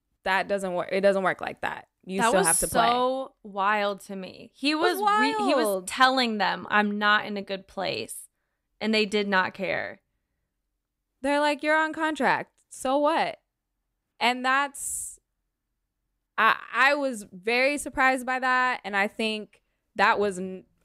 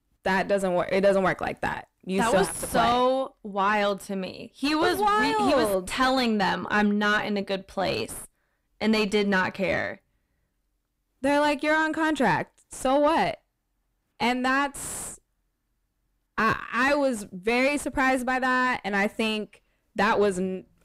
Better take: first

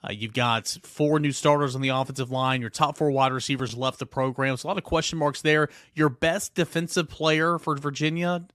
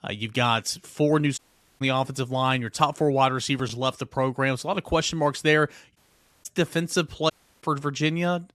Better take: first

